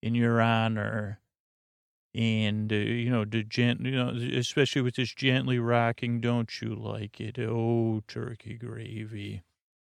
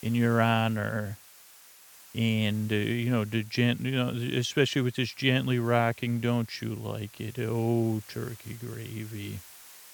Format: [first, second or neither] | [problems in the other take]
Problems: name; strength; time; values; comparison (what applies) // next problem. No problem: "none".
first | hiss; faint; throughout; 20 dB below the speech